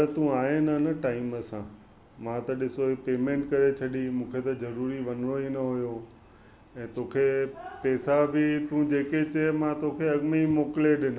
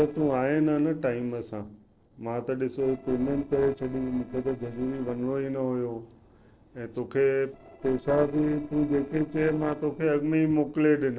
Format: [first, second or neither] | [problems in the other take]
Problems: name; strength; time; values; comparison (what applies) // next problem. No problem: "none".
first | noise reduction (neural separator model SepFormer DNS4)